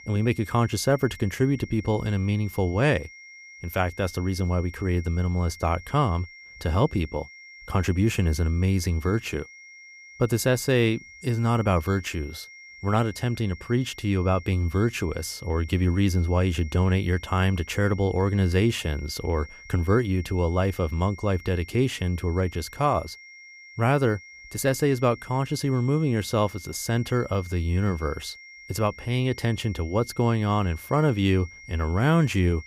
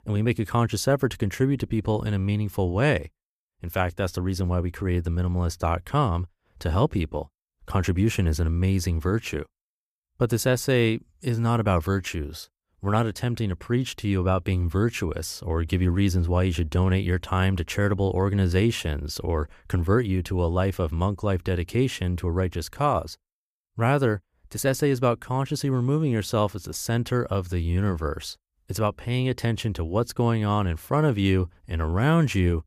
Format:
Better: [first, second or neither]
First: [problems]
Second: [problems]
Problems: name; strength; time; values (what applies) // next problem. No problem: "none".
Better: second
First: high-pitched whine; noticeable; throughout; 2 kHz, 20 dB below the speech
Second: none